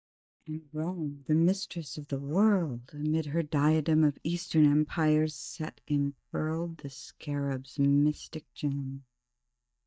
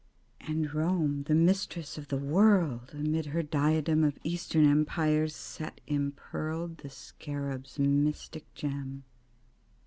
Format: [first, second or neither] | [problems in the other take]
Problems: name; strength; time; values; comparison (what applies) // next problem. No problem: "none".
second | noise reduction (neural mask model DeepFilterNet 3)